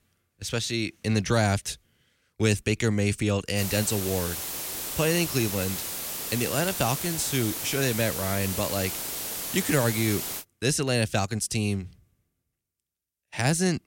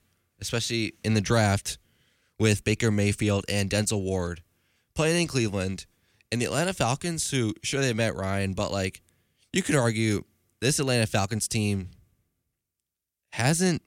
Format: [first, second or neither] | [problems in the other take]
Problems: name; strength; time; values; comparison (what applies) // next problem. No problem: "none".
second | hiss; loud; from 3.5 to 10 s; 4 dB below the speech